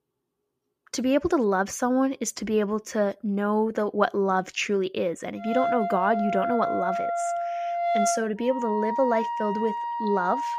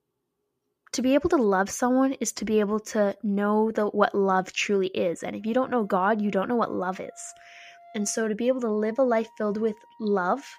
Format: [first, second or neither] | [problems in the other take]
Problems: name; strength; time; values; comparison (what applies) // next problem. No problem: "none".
second | background music; loud; from 5.5 s on; 2 dB below the speech; faint in the second